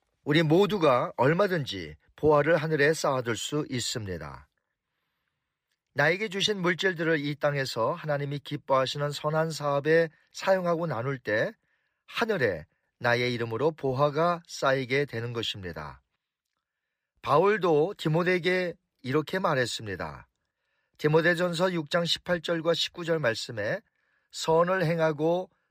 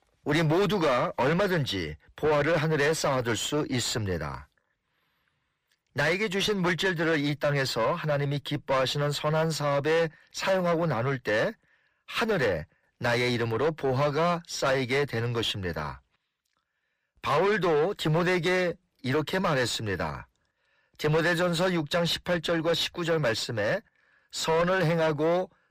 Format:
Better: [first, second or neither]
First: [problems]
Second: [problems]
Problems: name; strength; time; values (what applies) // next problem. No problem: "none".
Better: first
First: none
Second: distortion; heavy; 7 dB below the speech